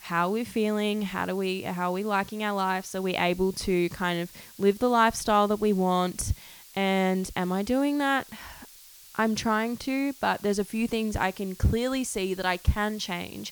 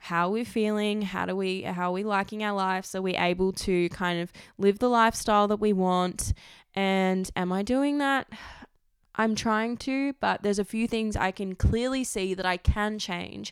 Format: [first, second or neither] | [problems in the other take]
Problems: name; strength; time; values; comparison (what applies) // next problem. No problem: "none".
second | hiss; faint; throughout; 20 dB below the speech